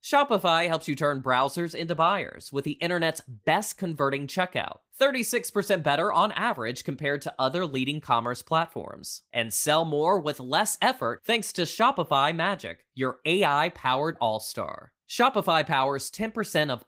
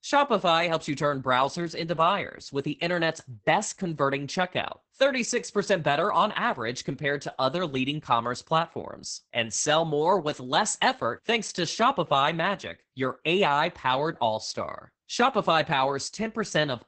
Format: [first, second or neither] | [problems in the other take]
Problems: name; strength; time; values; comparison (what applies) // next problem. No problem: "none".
first | garbled, watery; badly; nothing above 8 kHz; slightly in the first